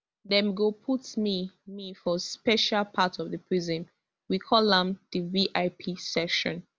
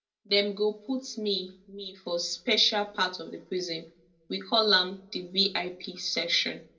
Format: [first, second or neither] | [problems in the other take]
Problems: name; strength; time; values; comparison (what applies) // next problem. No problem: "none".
first | room echo; dies away in 0.2 s